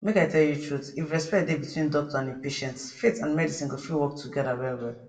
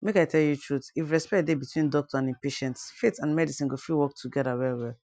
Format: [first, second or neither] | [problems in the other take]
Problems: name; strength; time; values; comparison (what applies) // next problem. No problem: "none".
second | room echo; dies away in 0.6 s